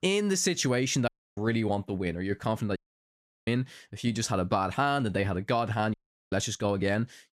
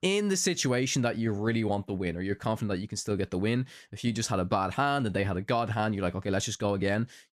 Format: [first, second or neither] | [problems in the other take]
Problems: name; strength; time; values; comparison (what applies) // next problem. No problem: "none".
second | audio cutting out; at 1 s, at 3 s for 0.5 s and at 6 s